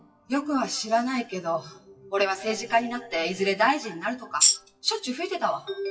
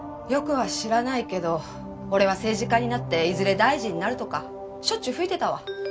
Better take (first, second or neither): second